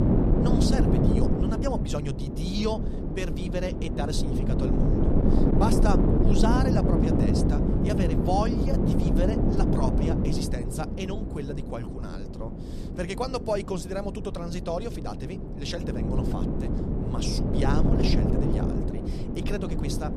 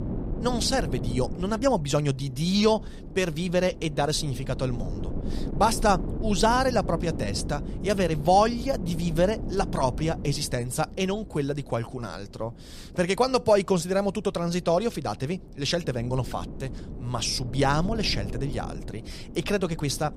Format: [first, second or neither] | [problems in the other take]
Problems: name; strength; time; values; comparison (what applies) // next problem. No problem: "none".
second | wind noise on the microphone; heavy; 1 dB above the speech; occasional gusts in the second